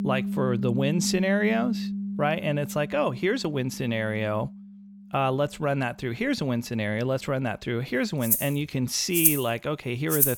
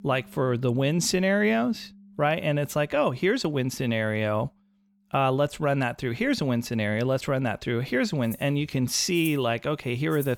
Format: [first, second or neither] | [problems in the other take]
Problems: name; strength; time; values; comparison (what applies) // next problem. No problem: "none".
second | background music; loud; throughout; 1 dB below the speech; faint in the second